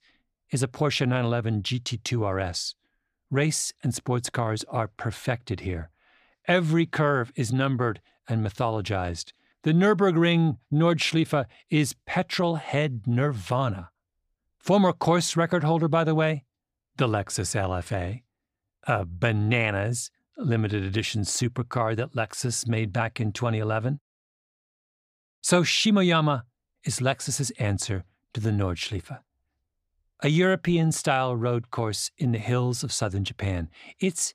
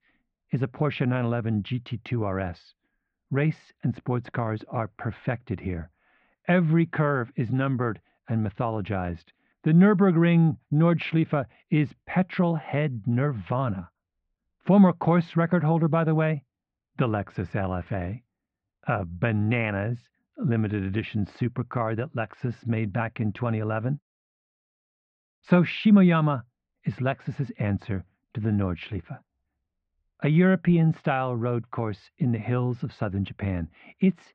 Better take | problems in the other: first | muffled; very; fading above 2.5 kHz

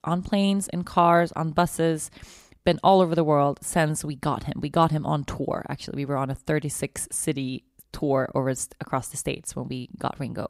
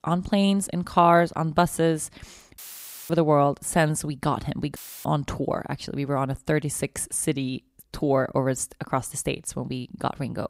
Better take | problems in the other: first | audio cutting out; filled with static; at 2.5 s for 0.5 s and at 5 s

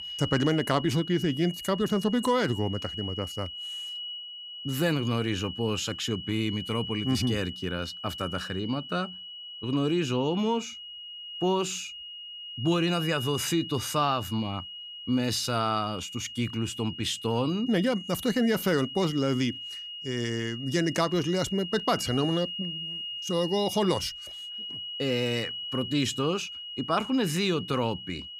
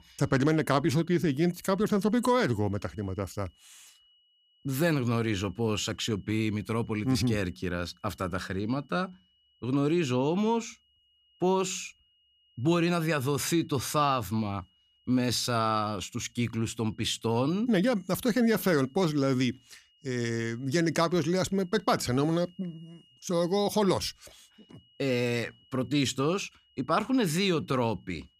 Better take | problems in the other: second | high-pitched whine; loud; throughout; 3 kHz, 8 dB below the speech; faint in the second

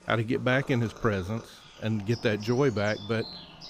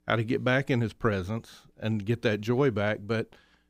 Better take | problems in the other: second | animal sounds; noticeable; throughout; 15 dB below the speech

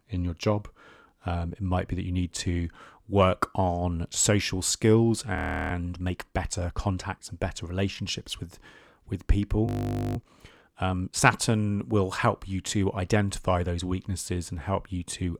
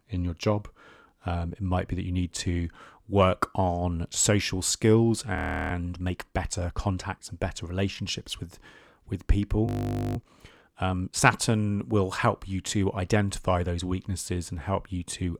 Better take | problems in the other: neither | audio freezing; at 5.5 s and at 9.5 s; the same in both

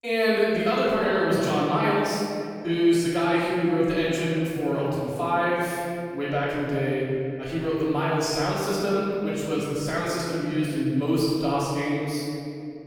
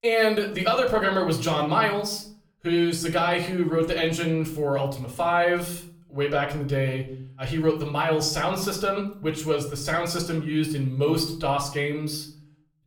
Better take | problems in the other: second | room echo; strong; dies away in 2.5 s; slight in the second // off-mic speech; far; far in the second

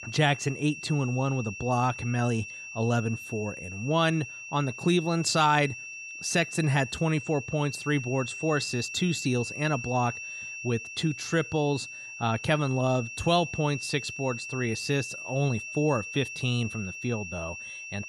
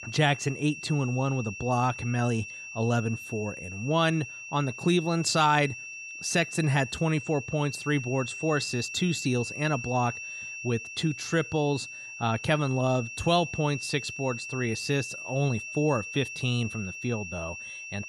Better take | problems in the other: neither | high-pitched whine; loud; throughout; 2.5 kHz, 9 dB below the speech; the same in both

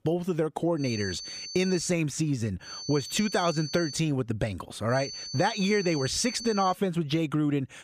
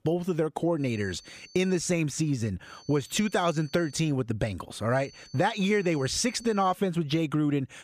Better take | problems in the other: second | high-pitched whine; loud; from 1 to 2 s, from 2.5 to 4 s and from 5 to 6.5 s; 4.5 kHz, 9 dB below the speech; faint in the second

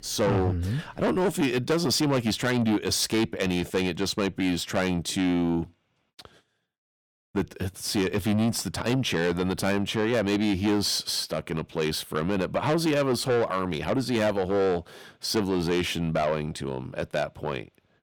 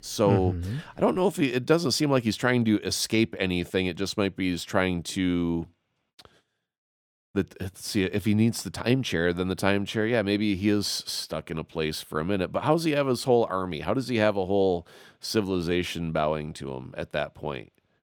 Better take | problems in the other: second | distortion; heavy; 7 dB below the speech

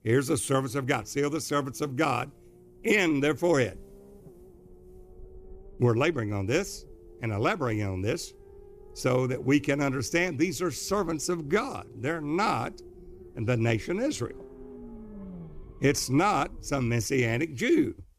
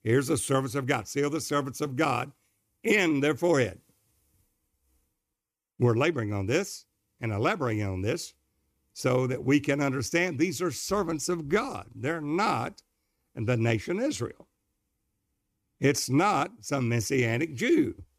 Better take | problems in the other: second | low rumble; faint; throughout; 25 dB below the speech

